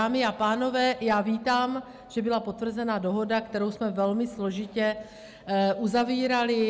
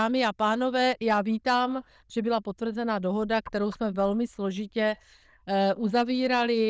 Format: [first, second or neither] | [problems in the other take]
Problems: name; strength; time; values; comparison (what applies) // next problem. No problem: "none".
first | noise reduction (neural diffusion model UNIVERSE++)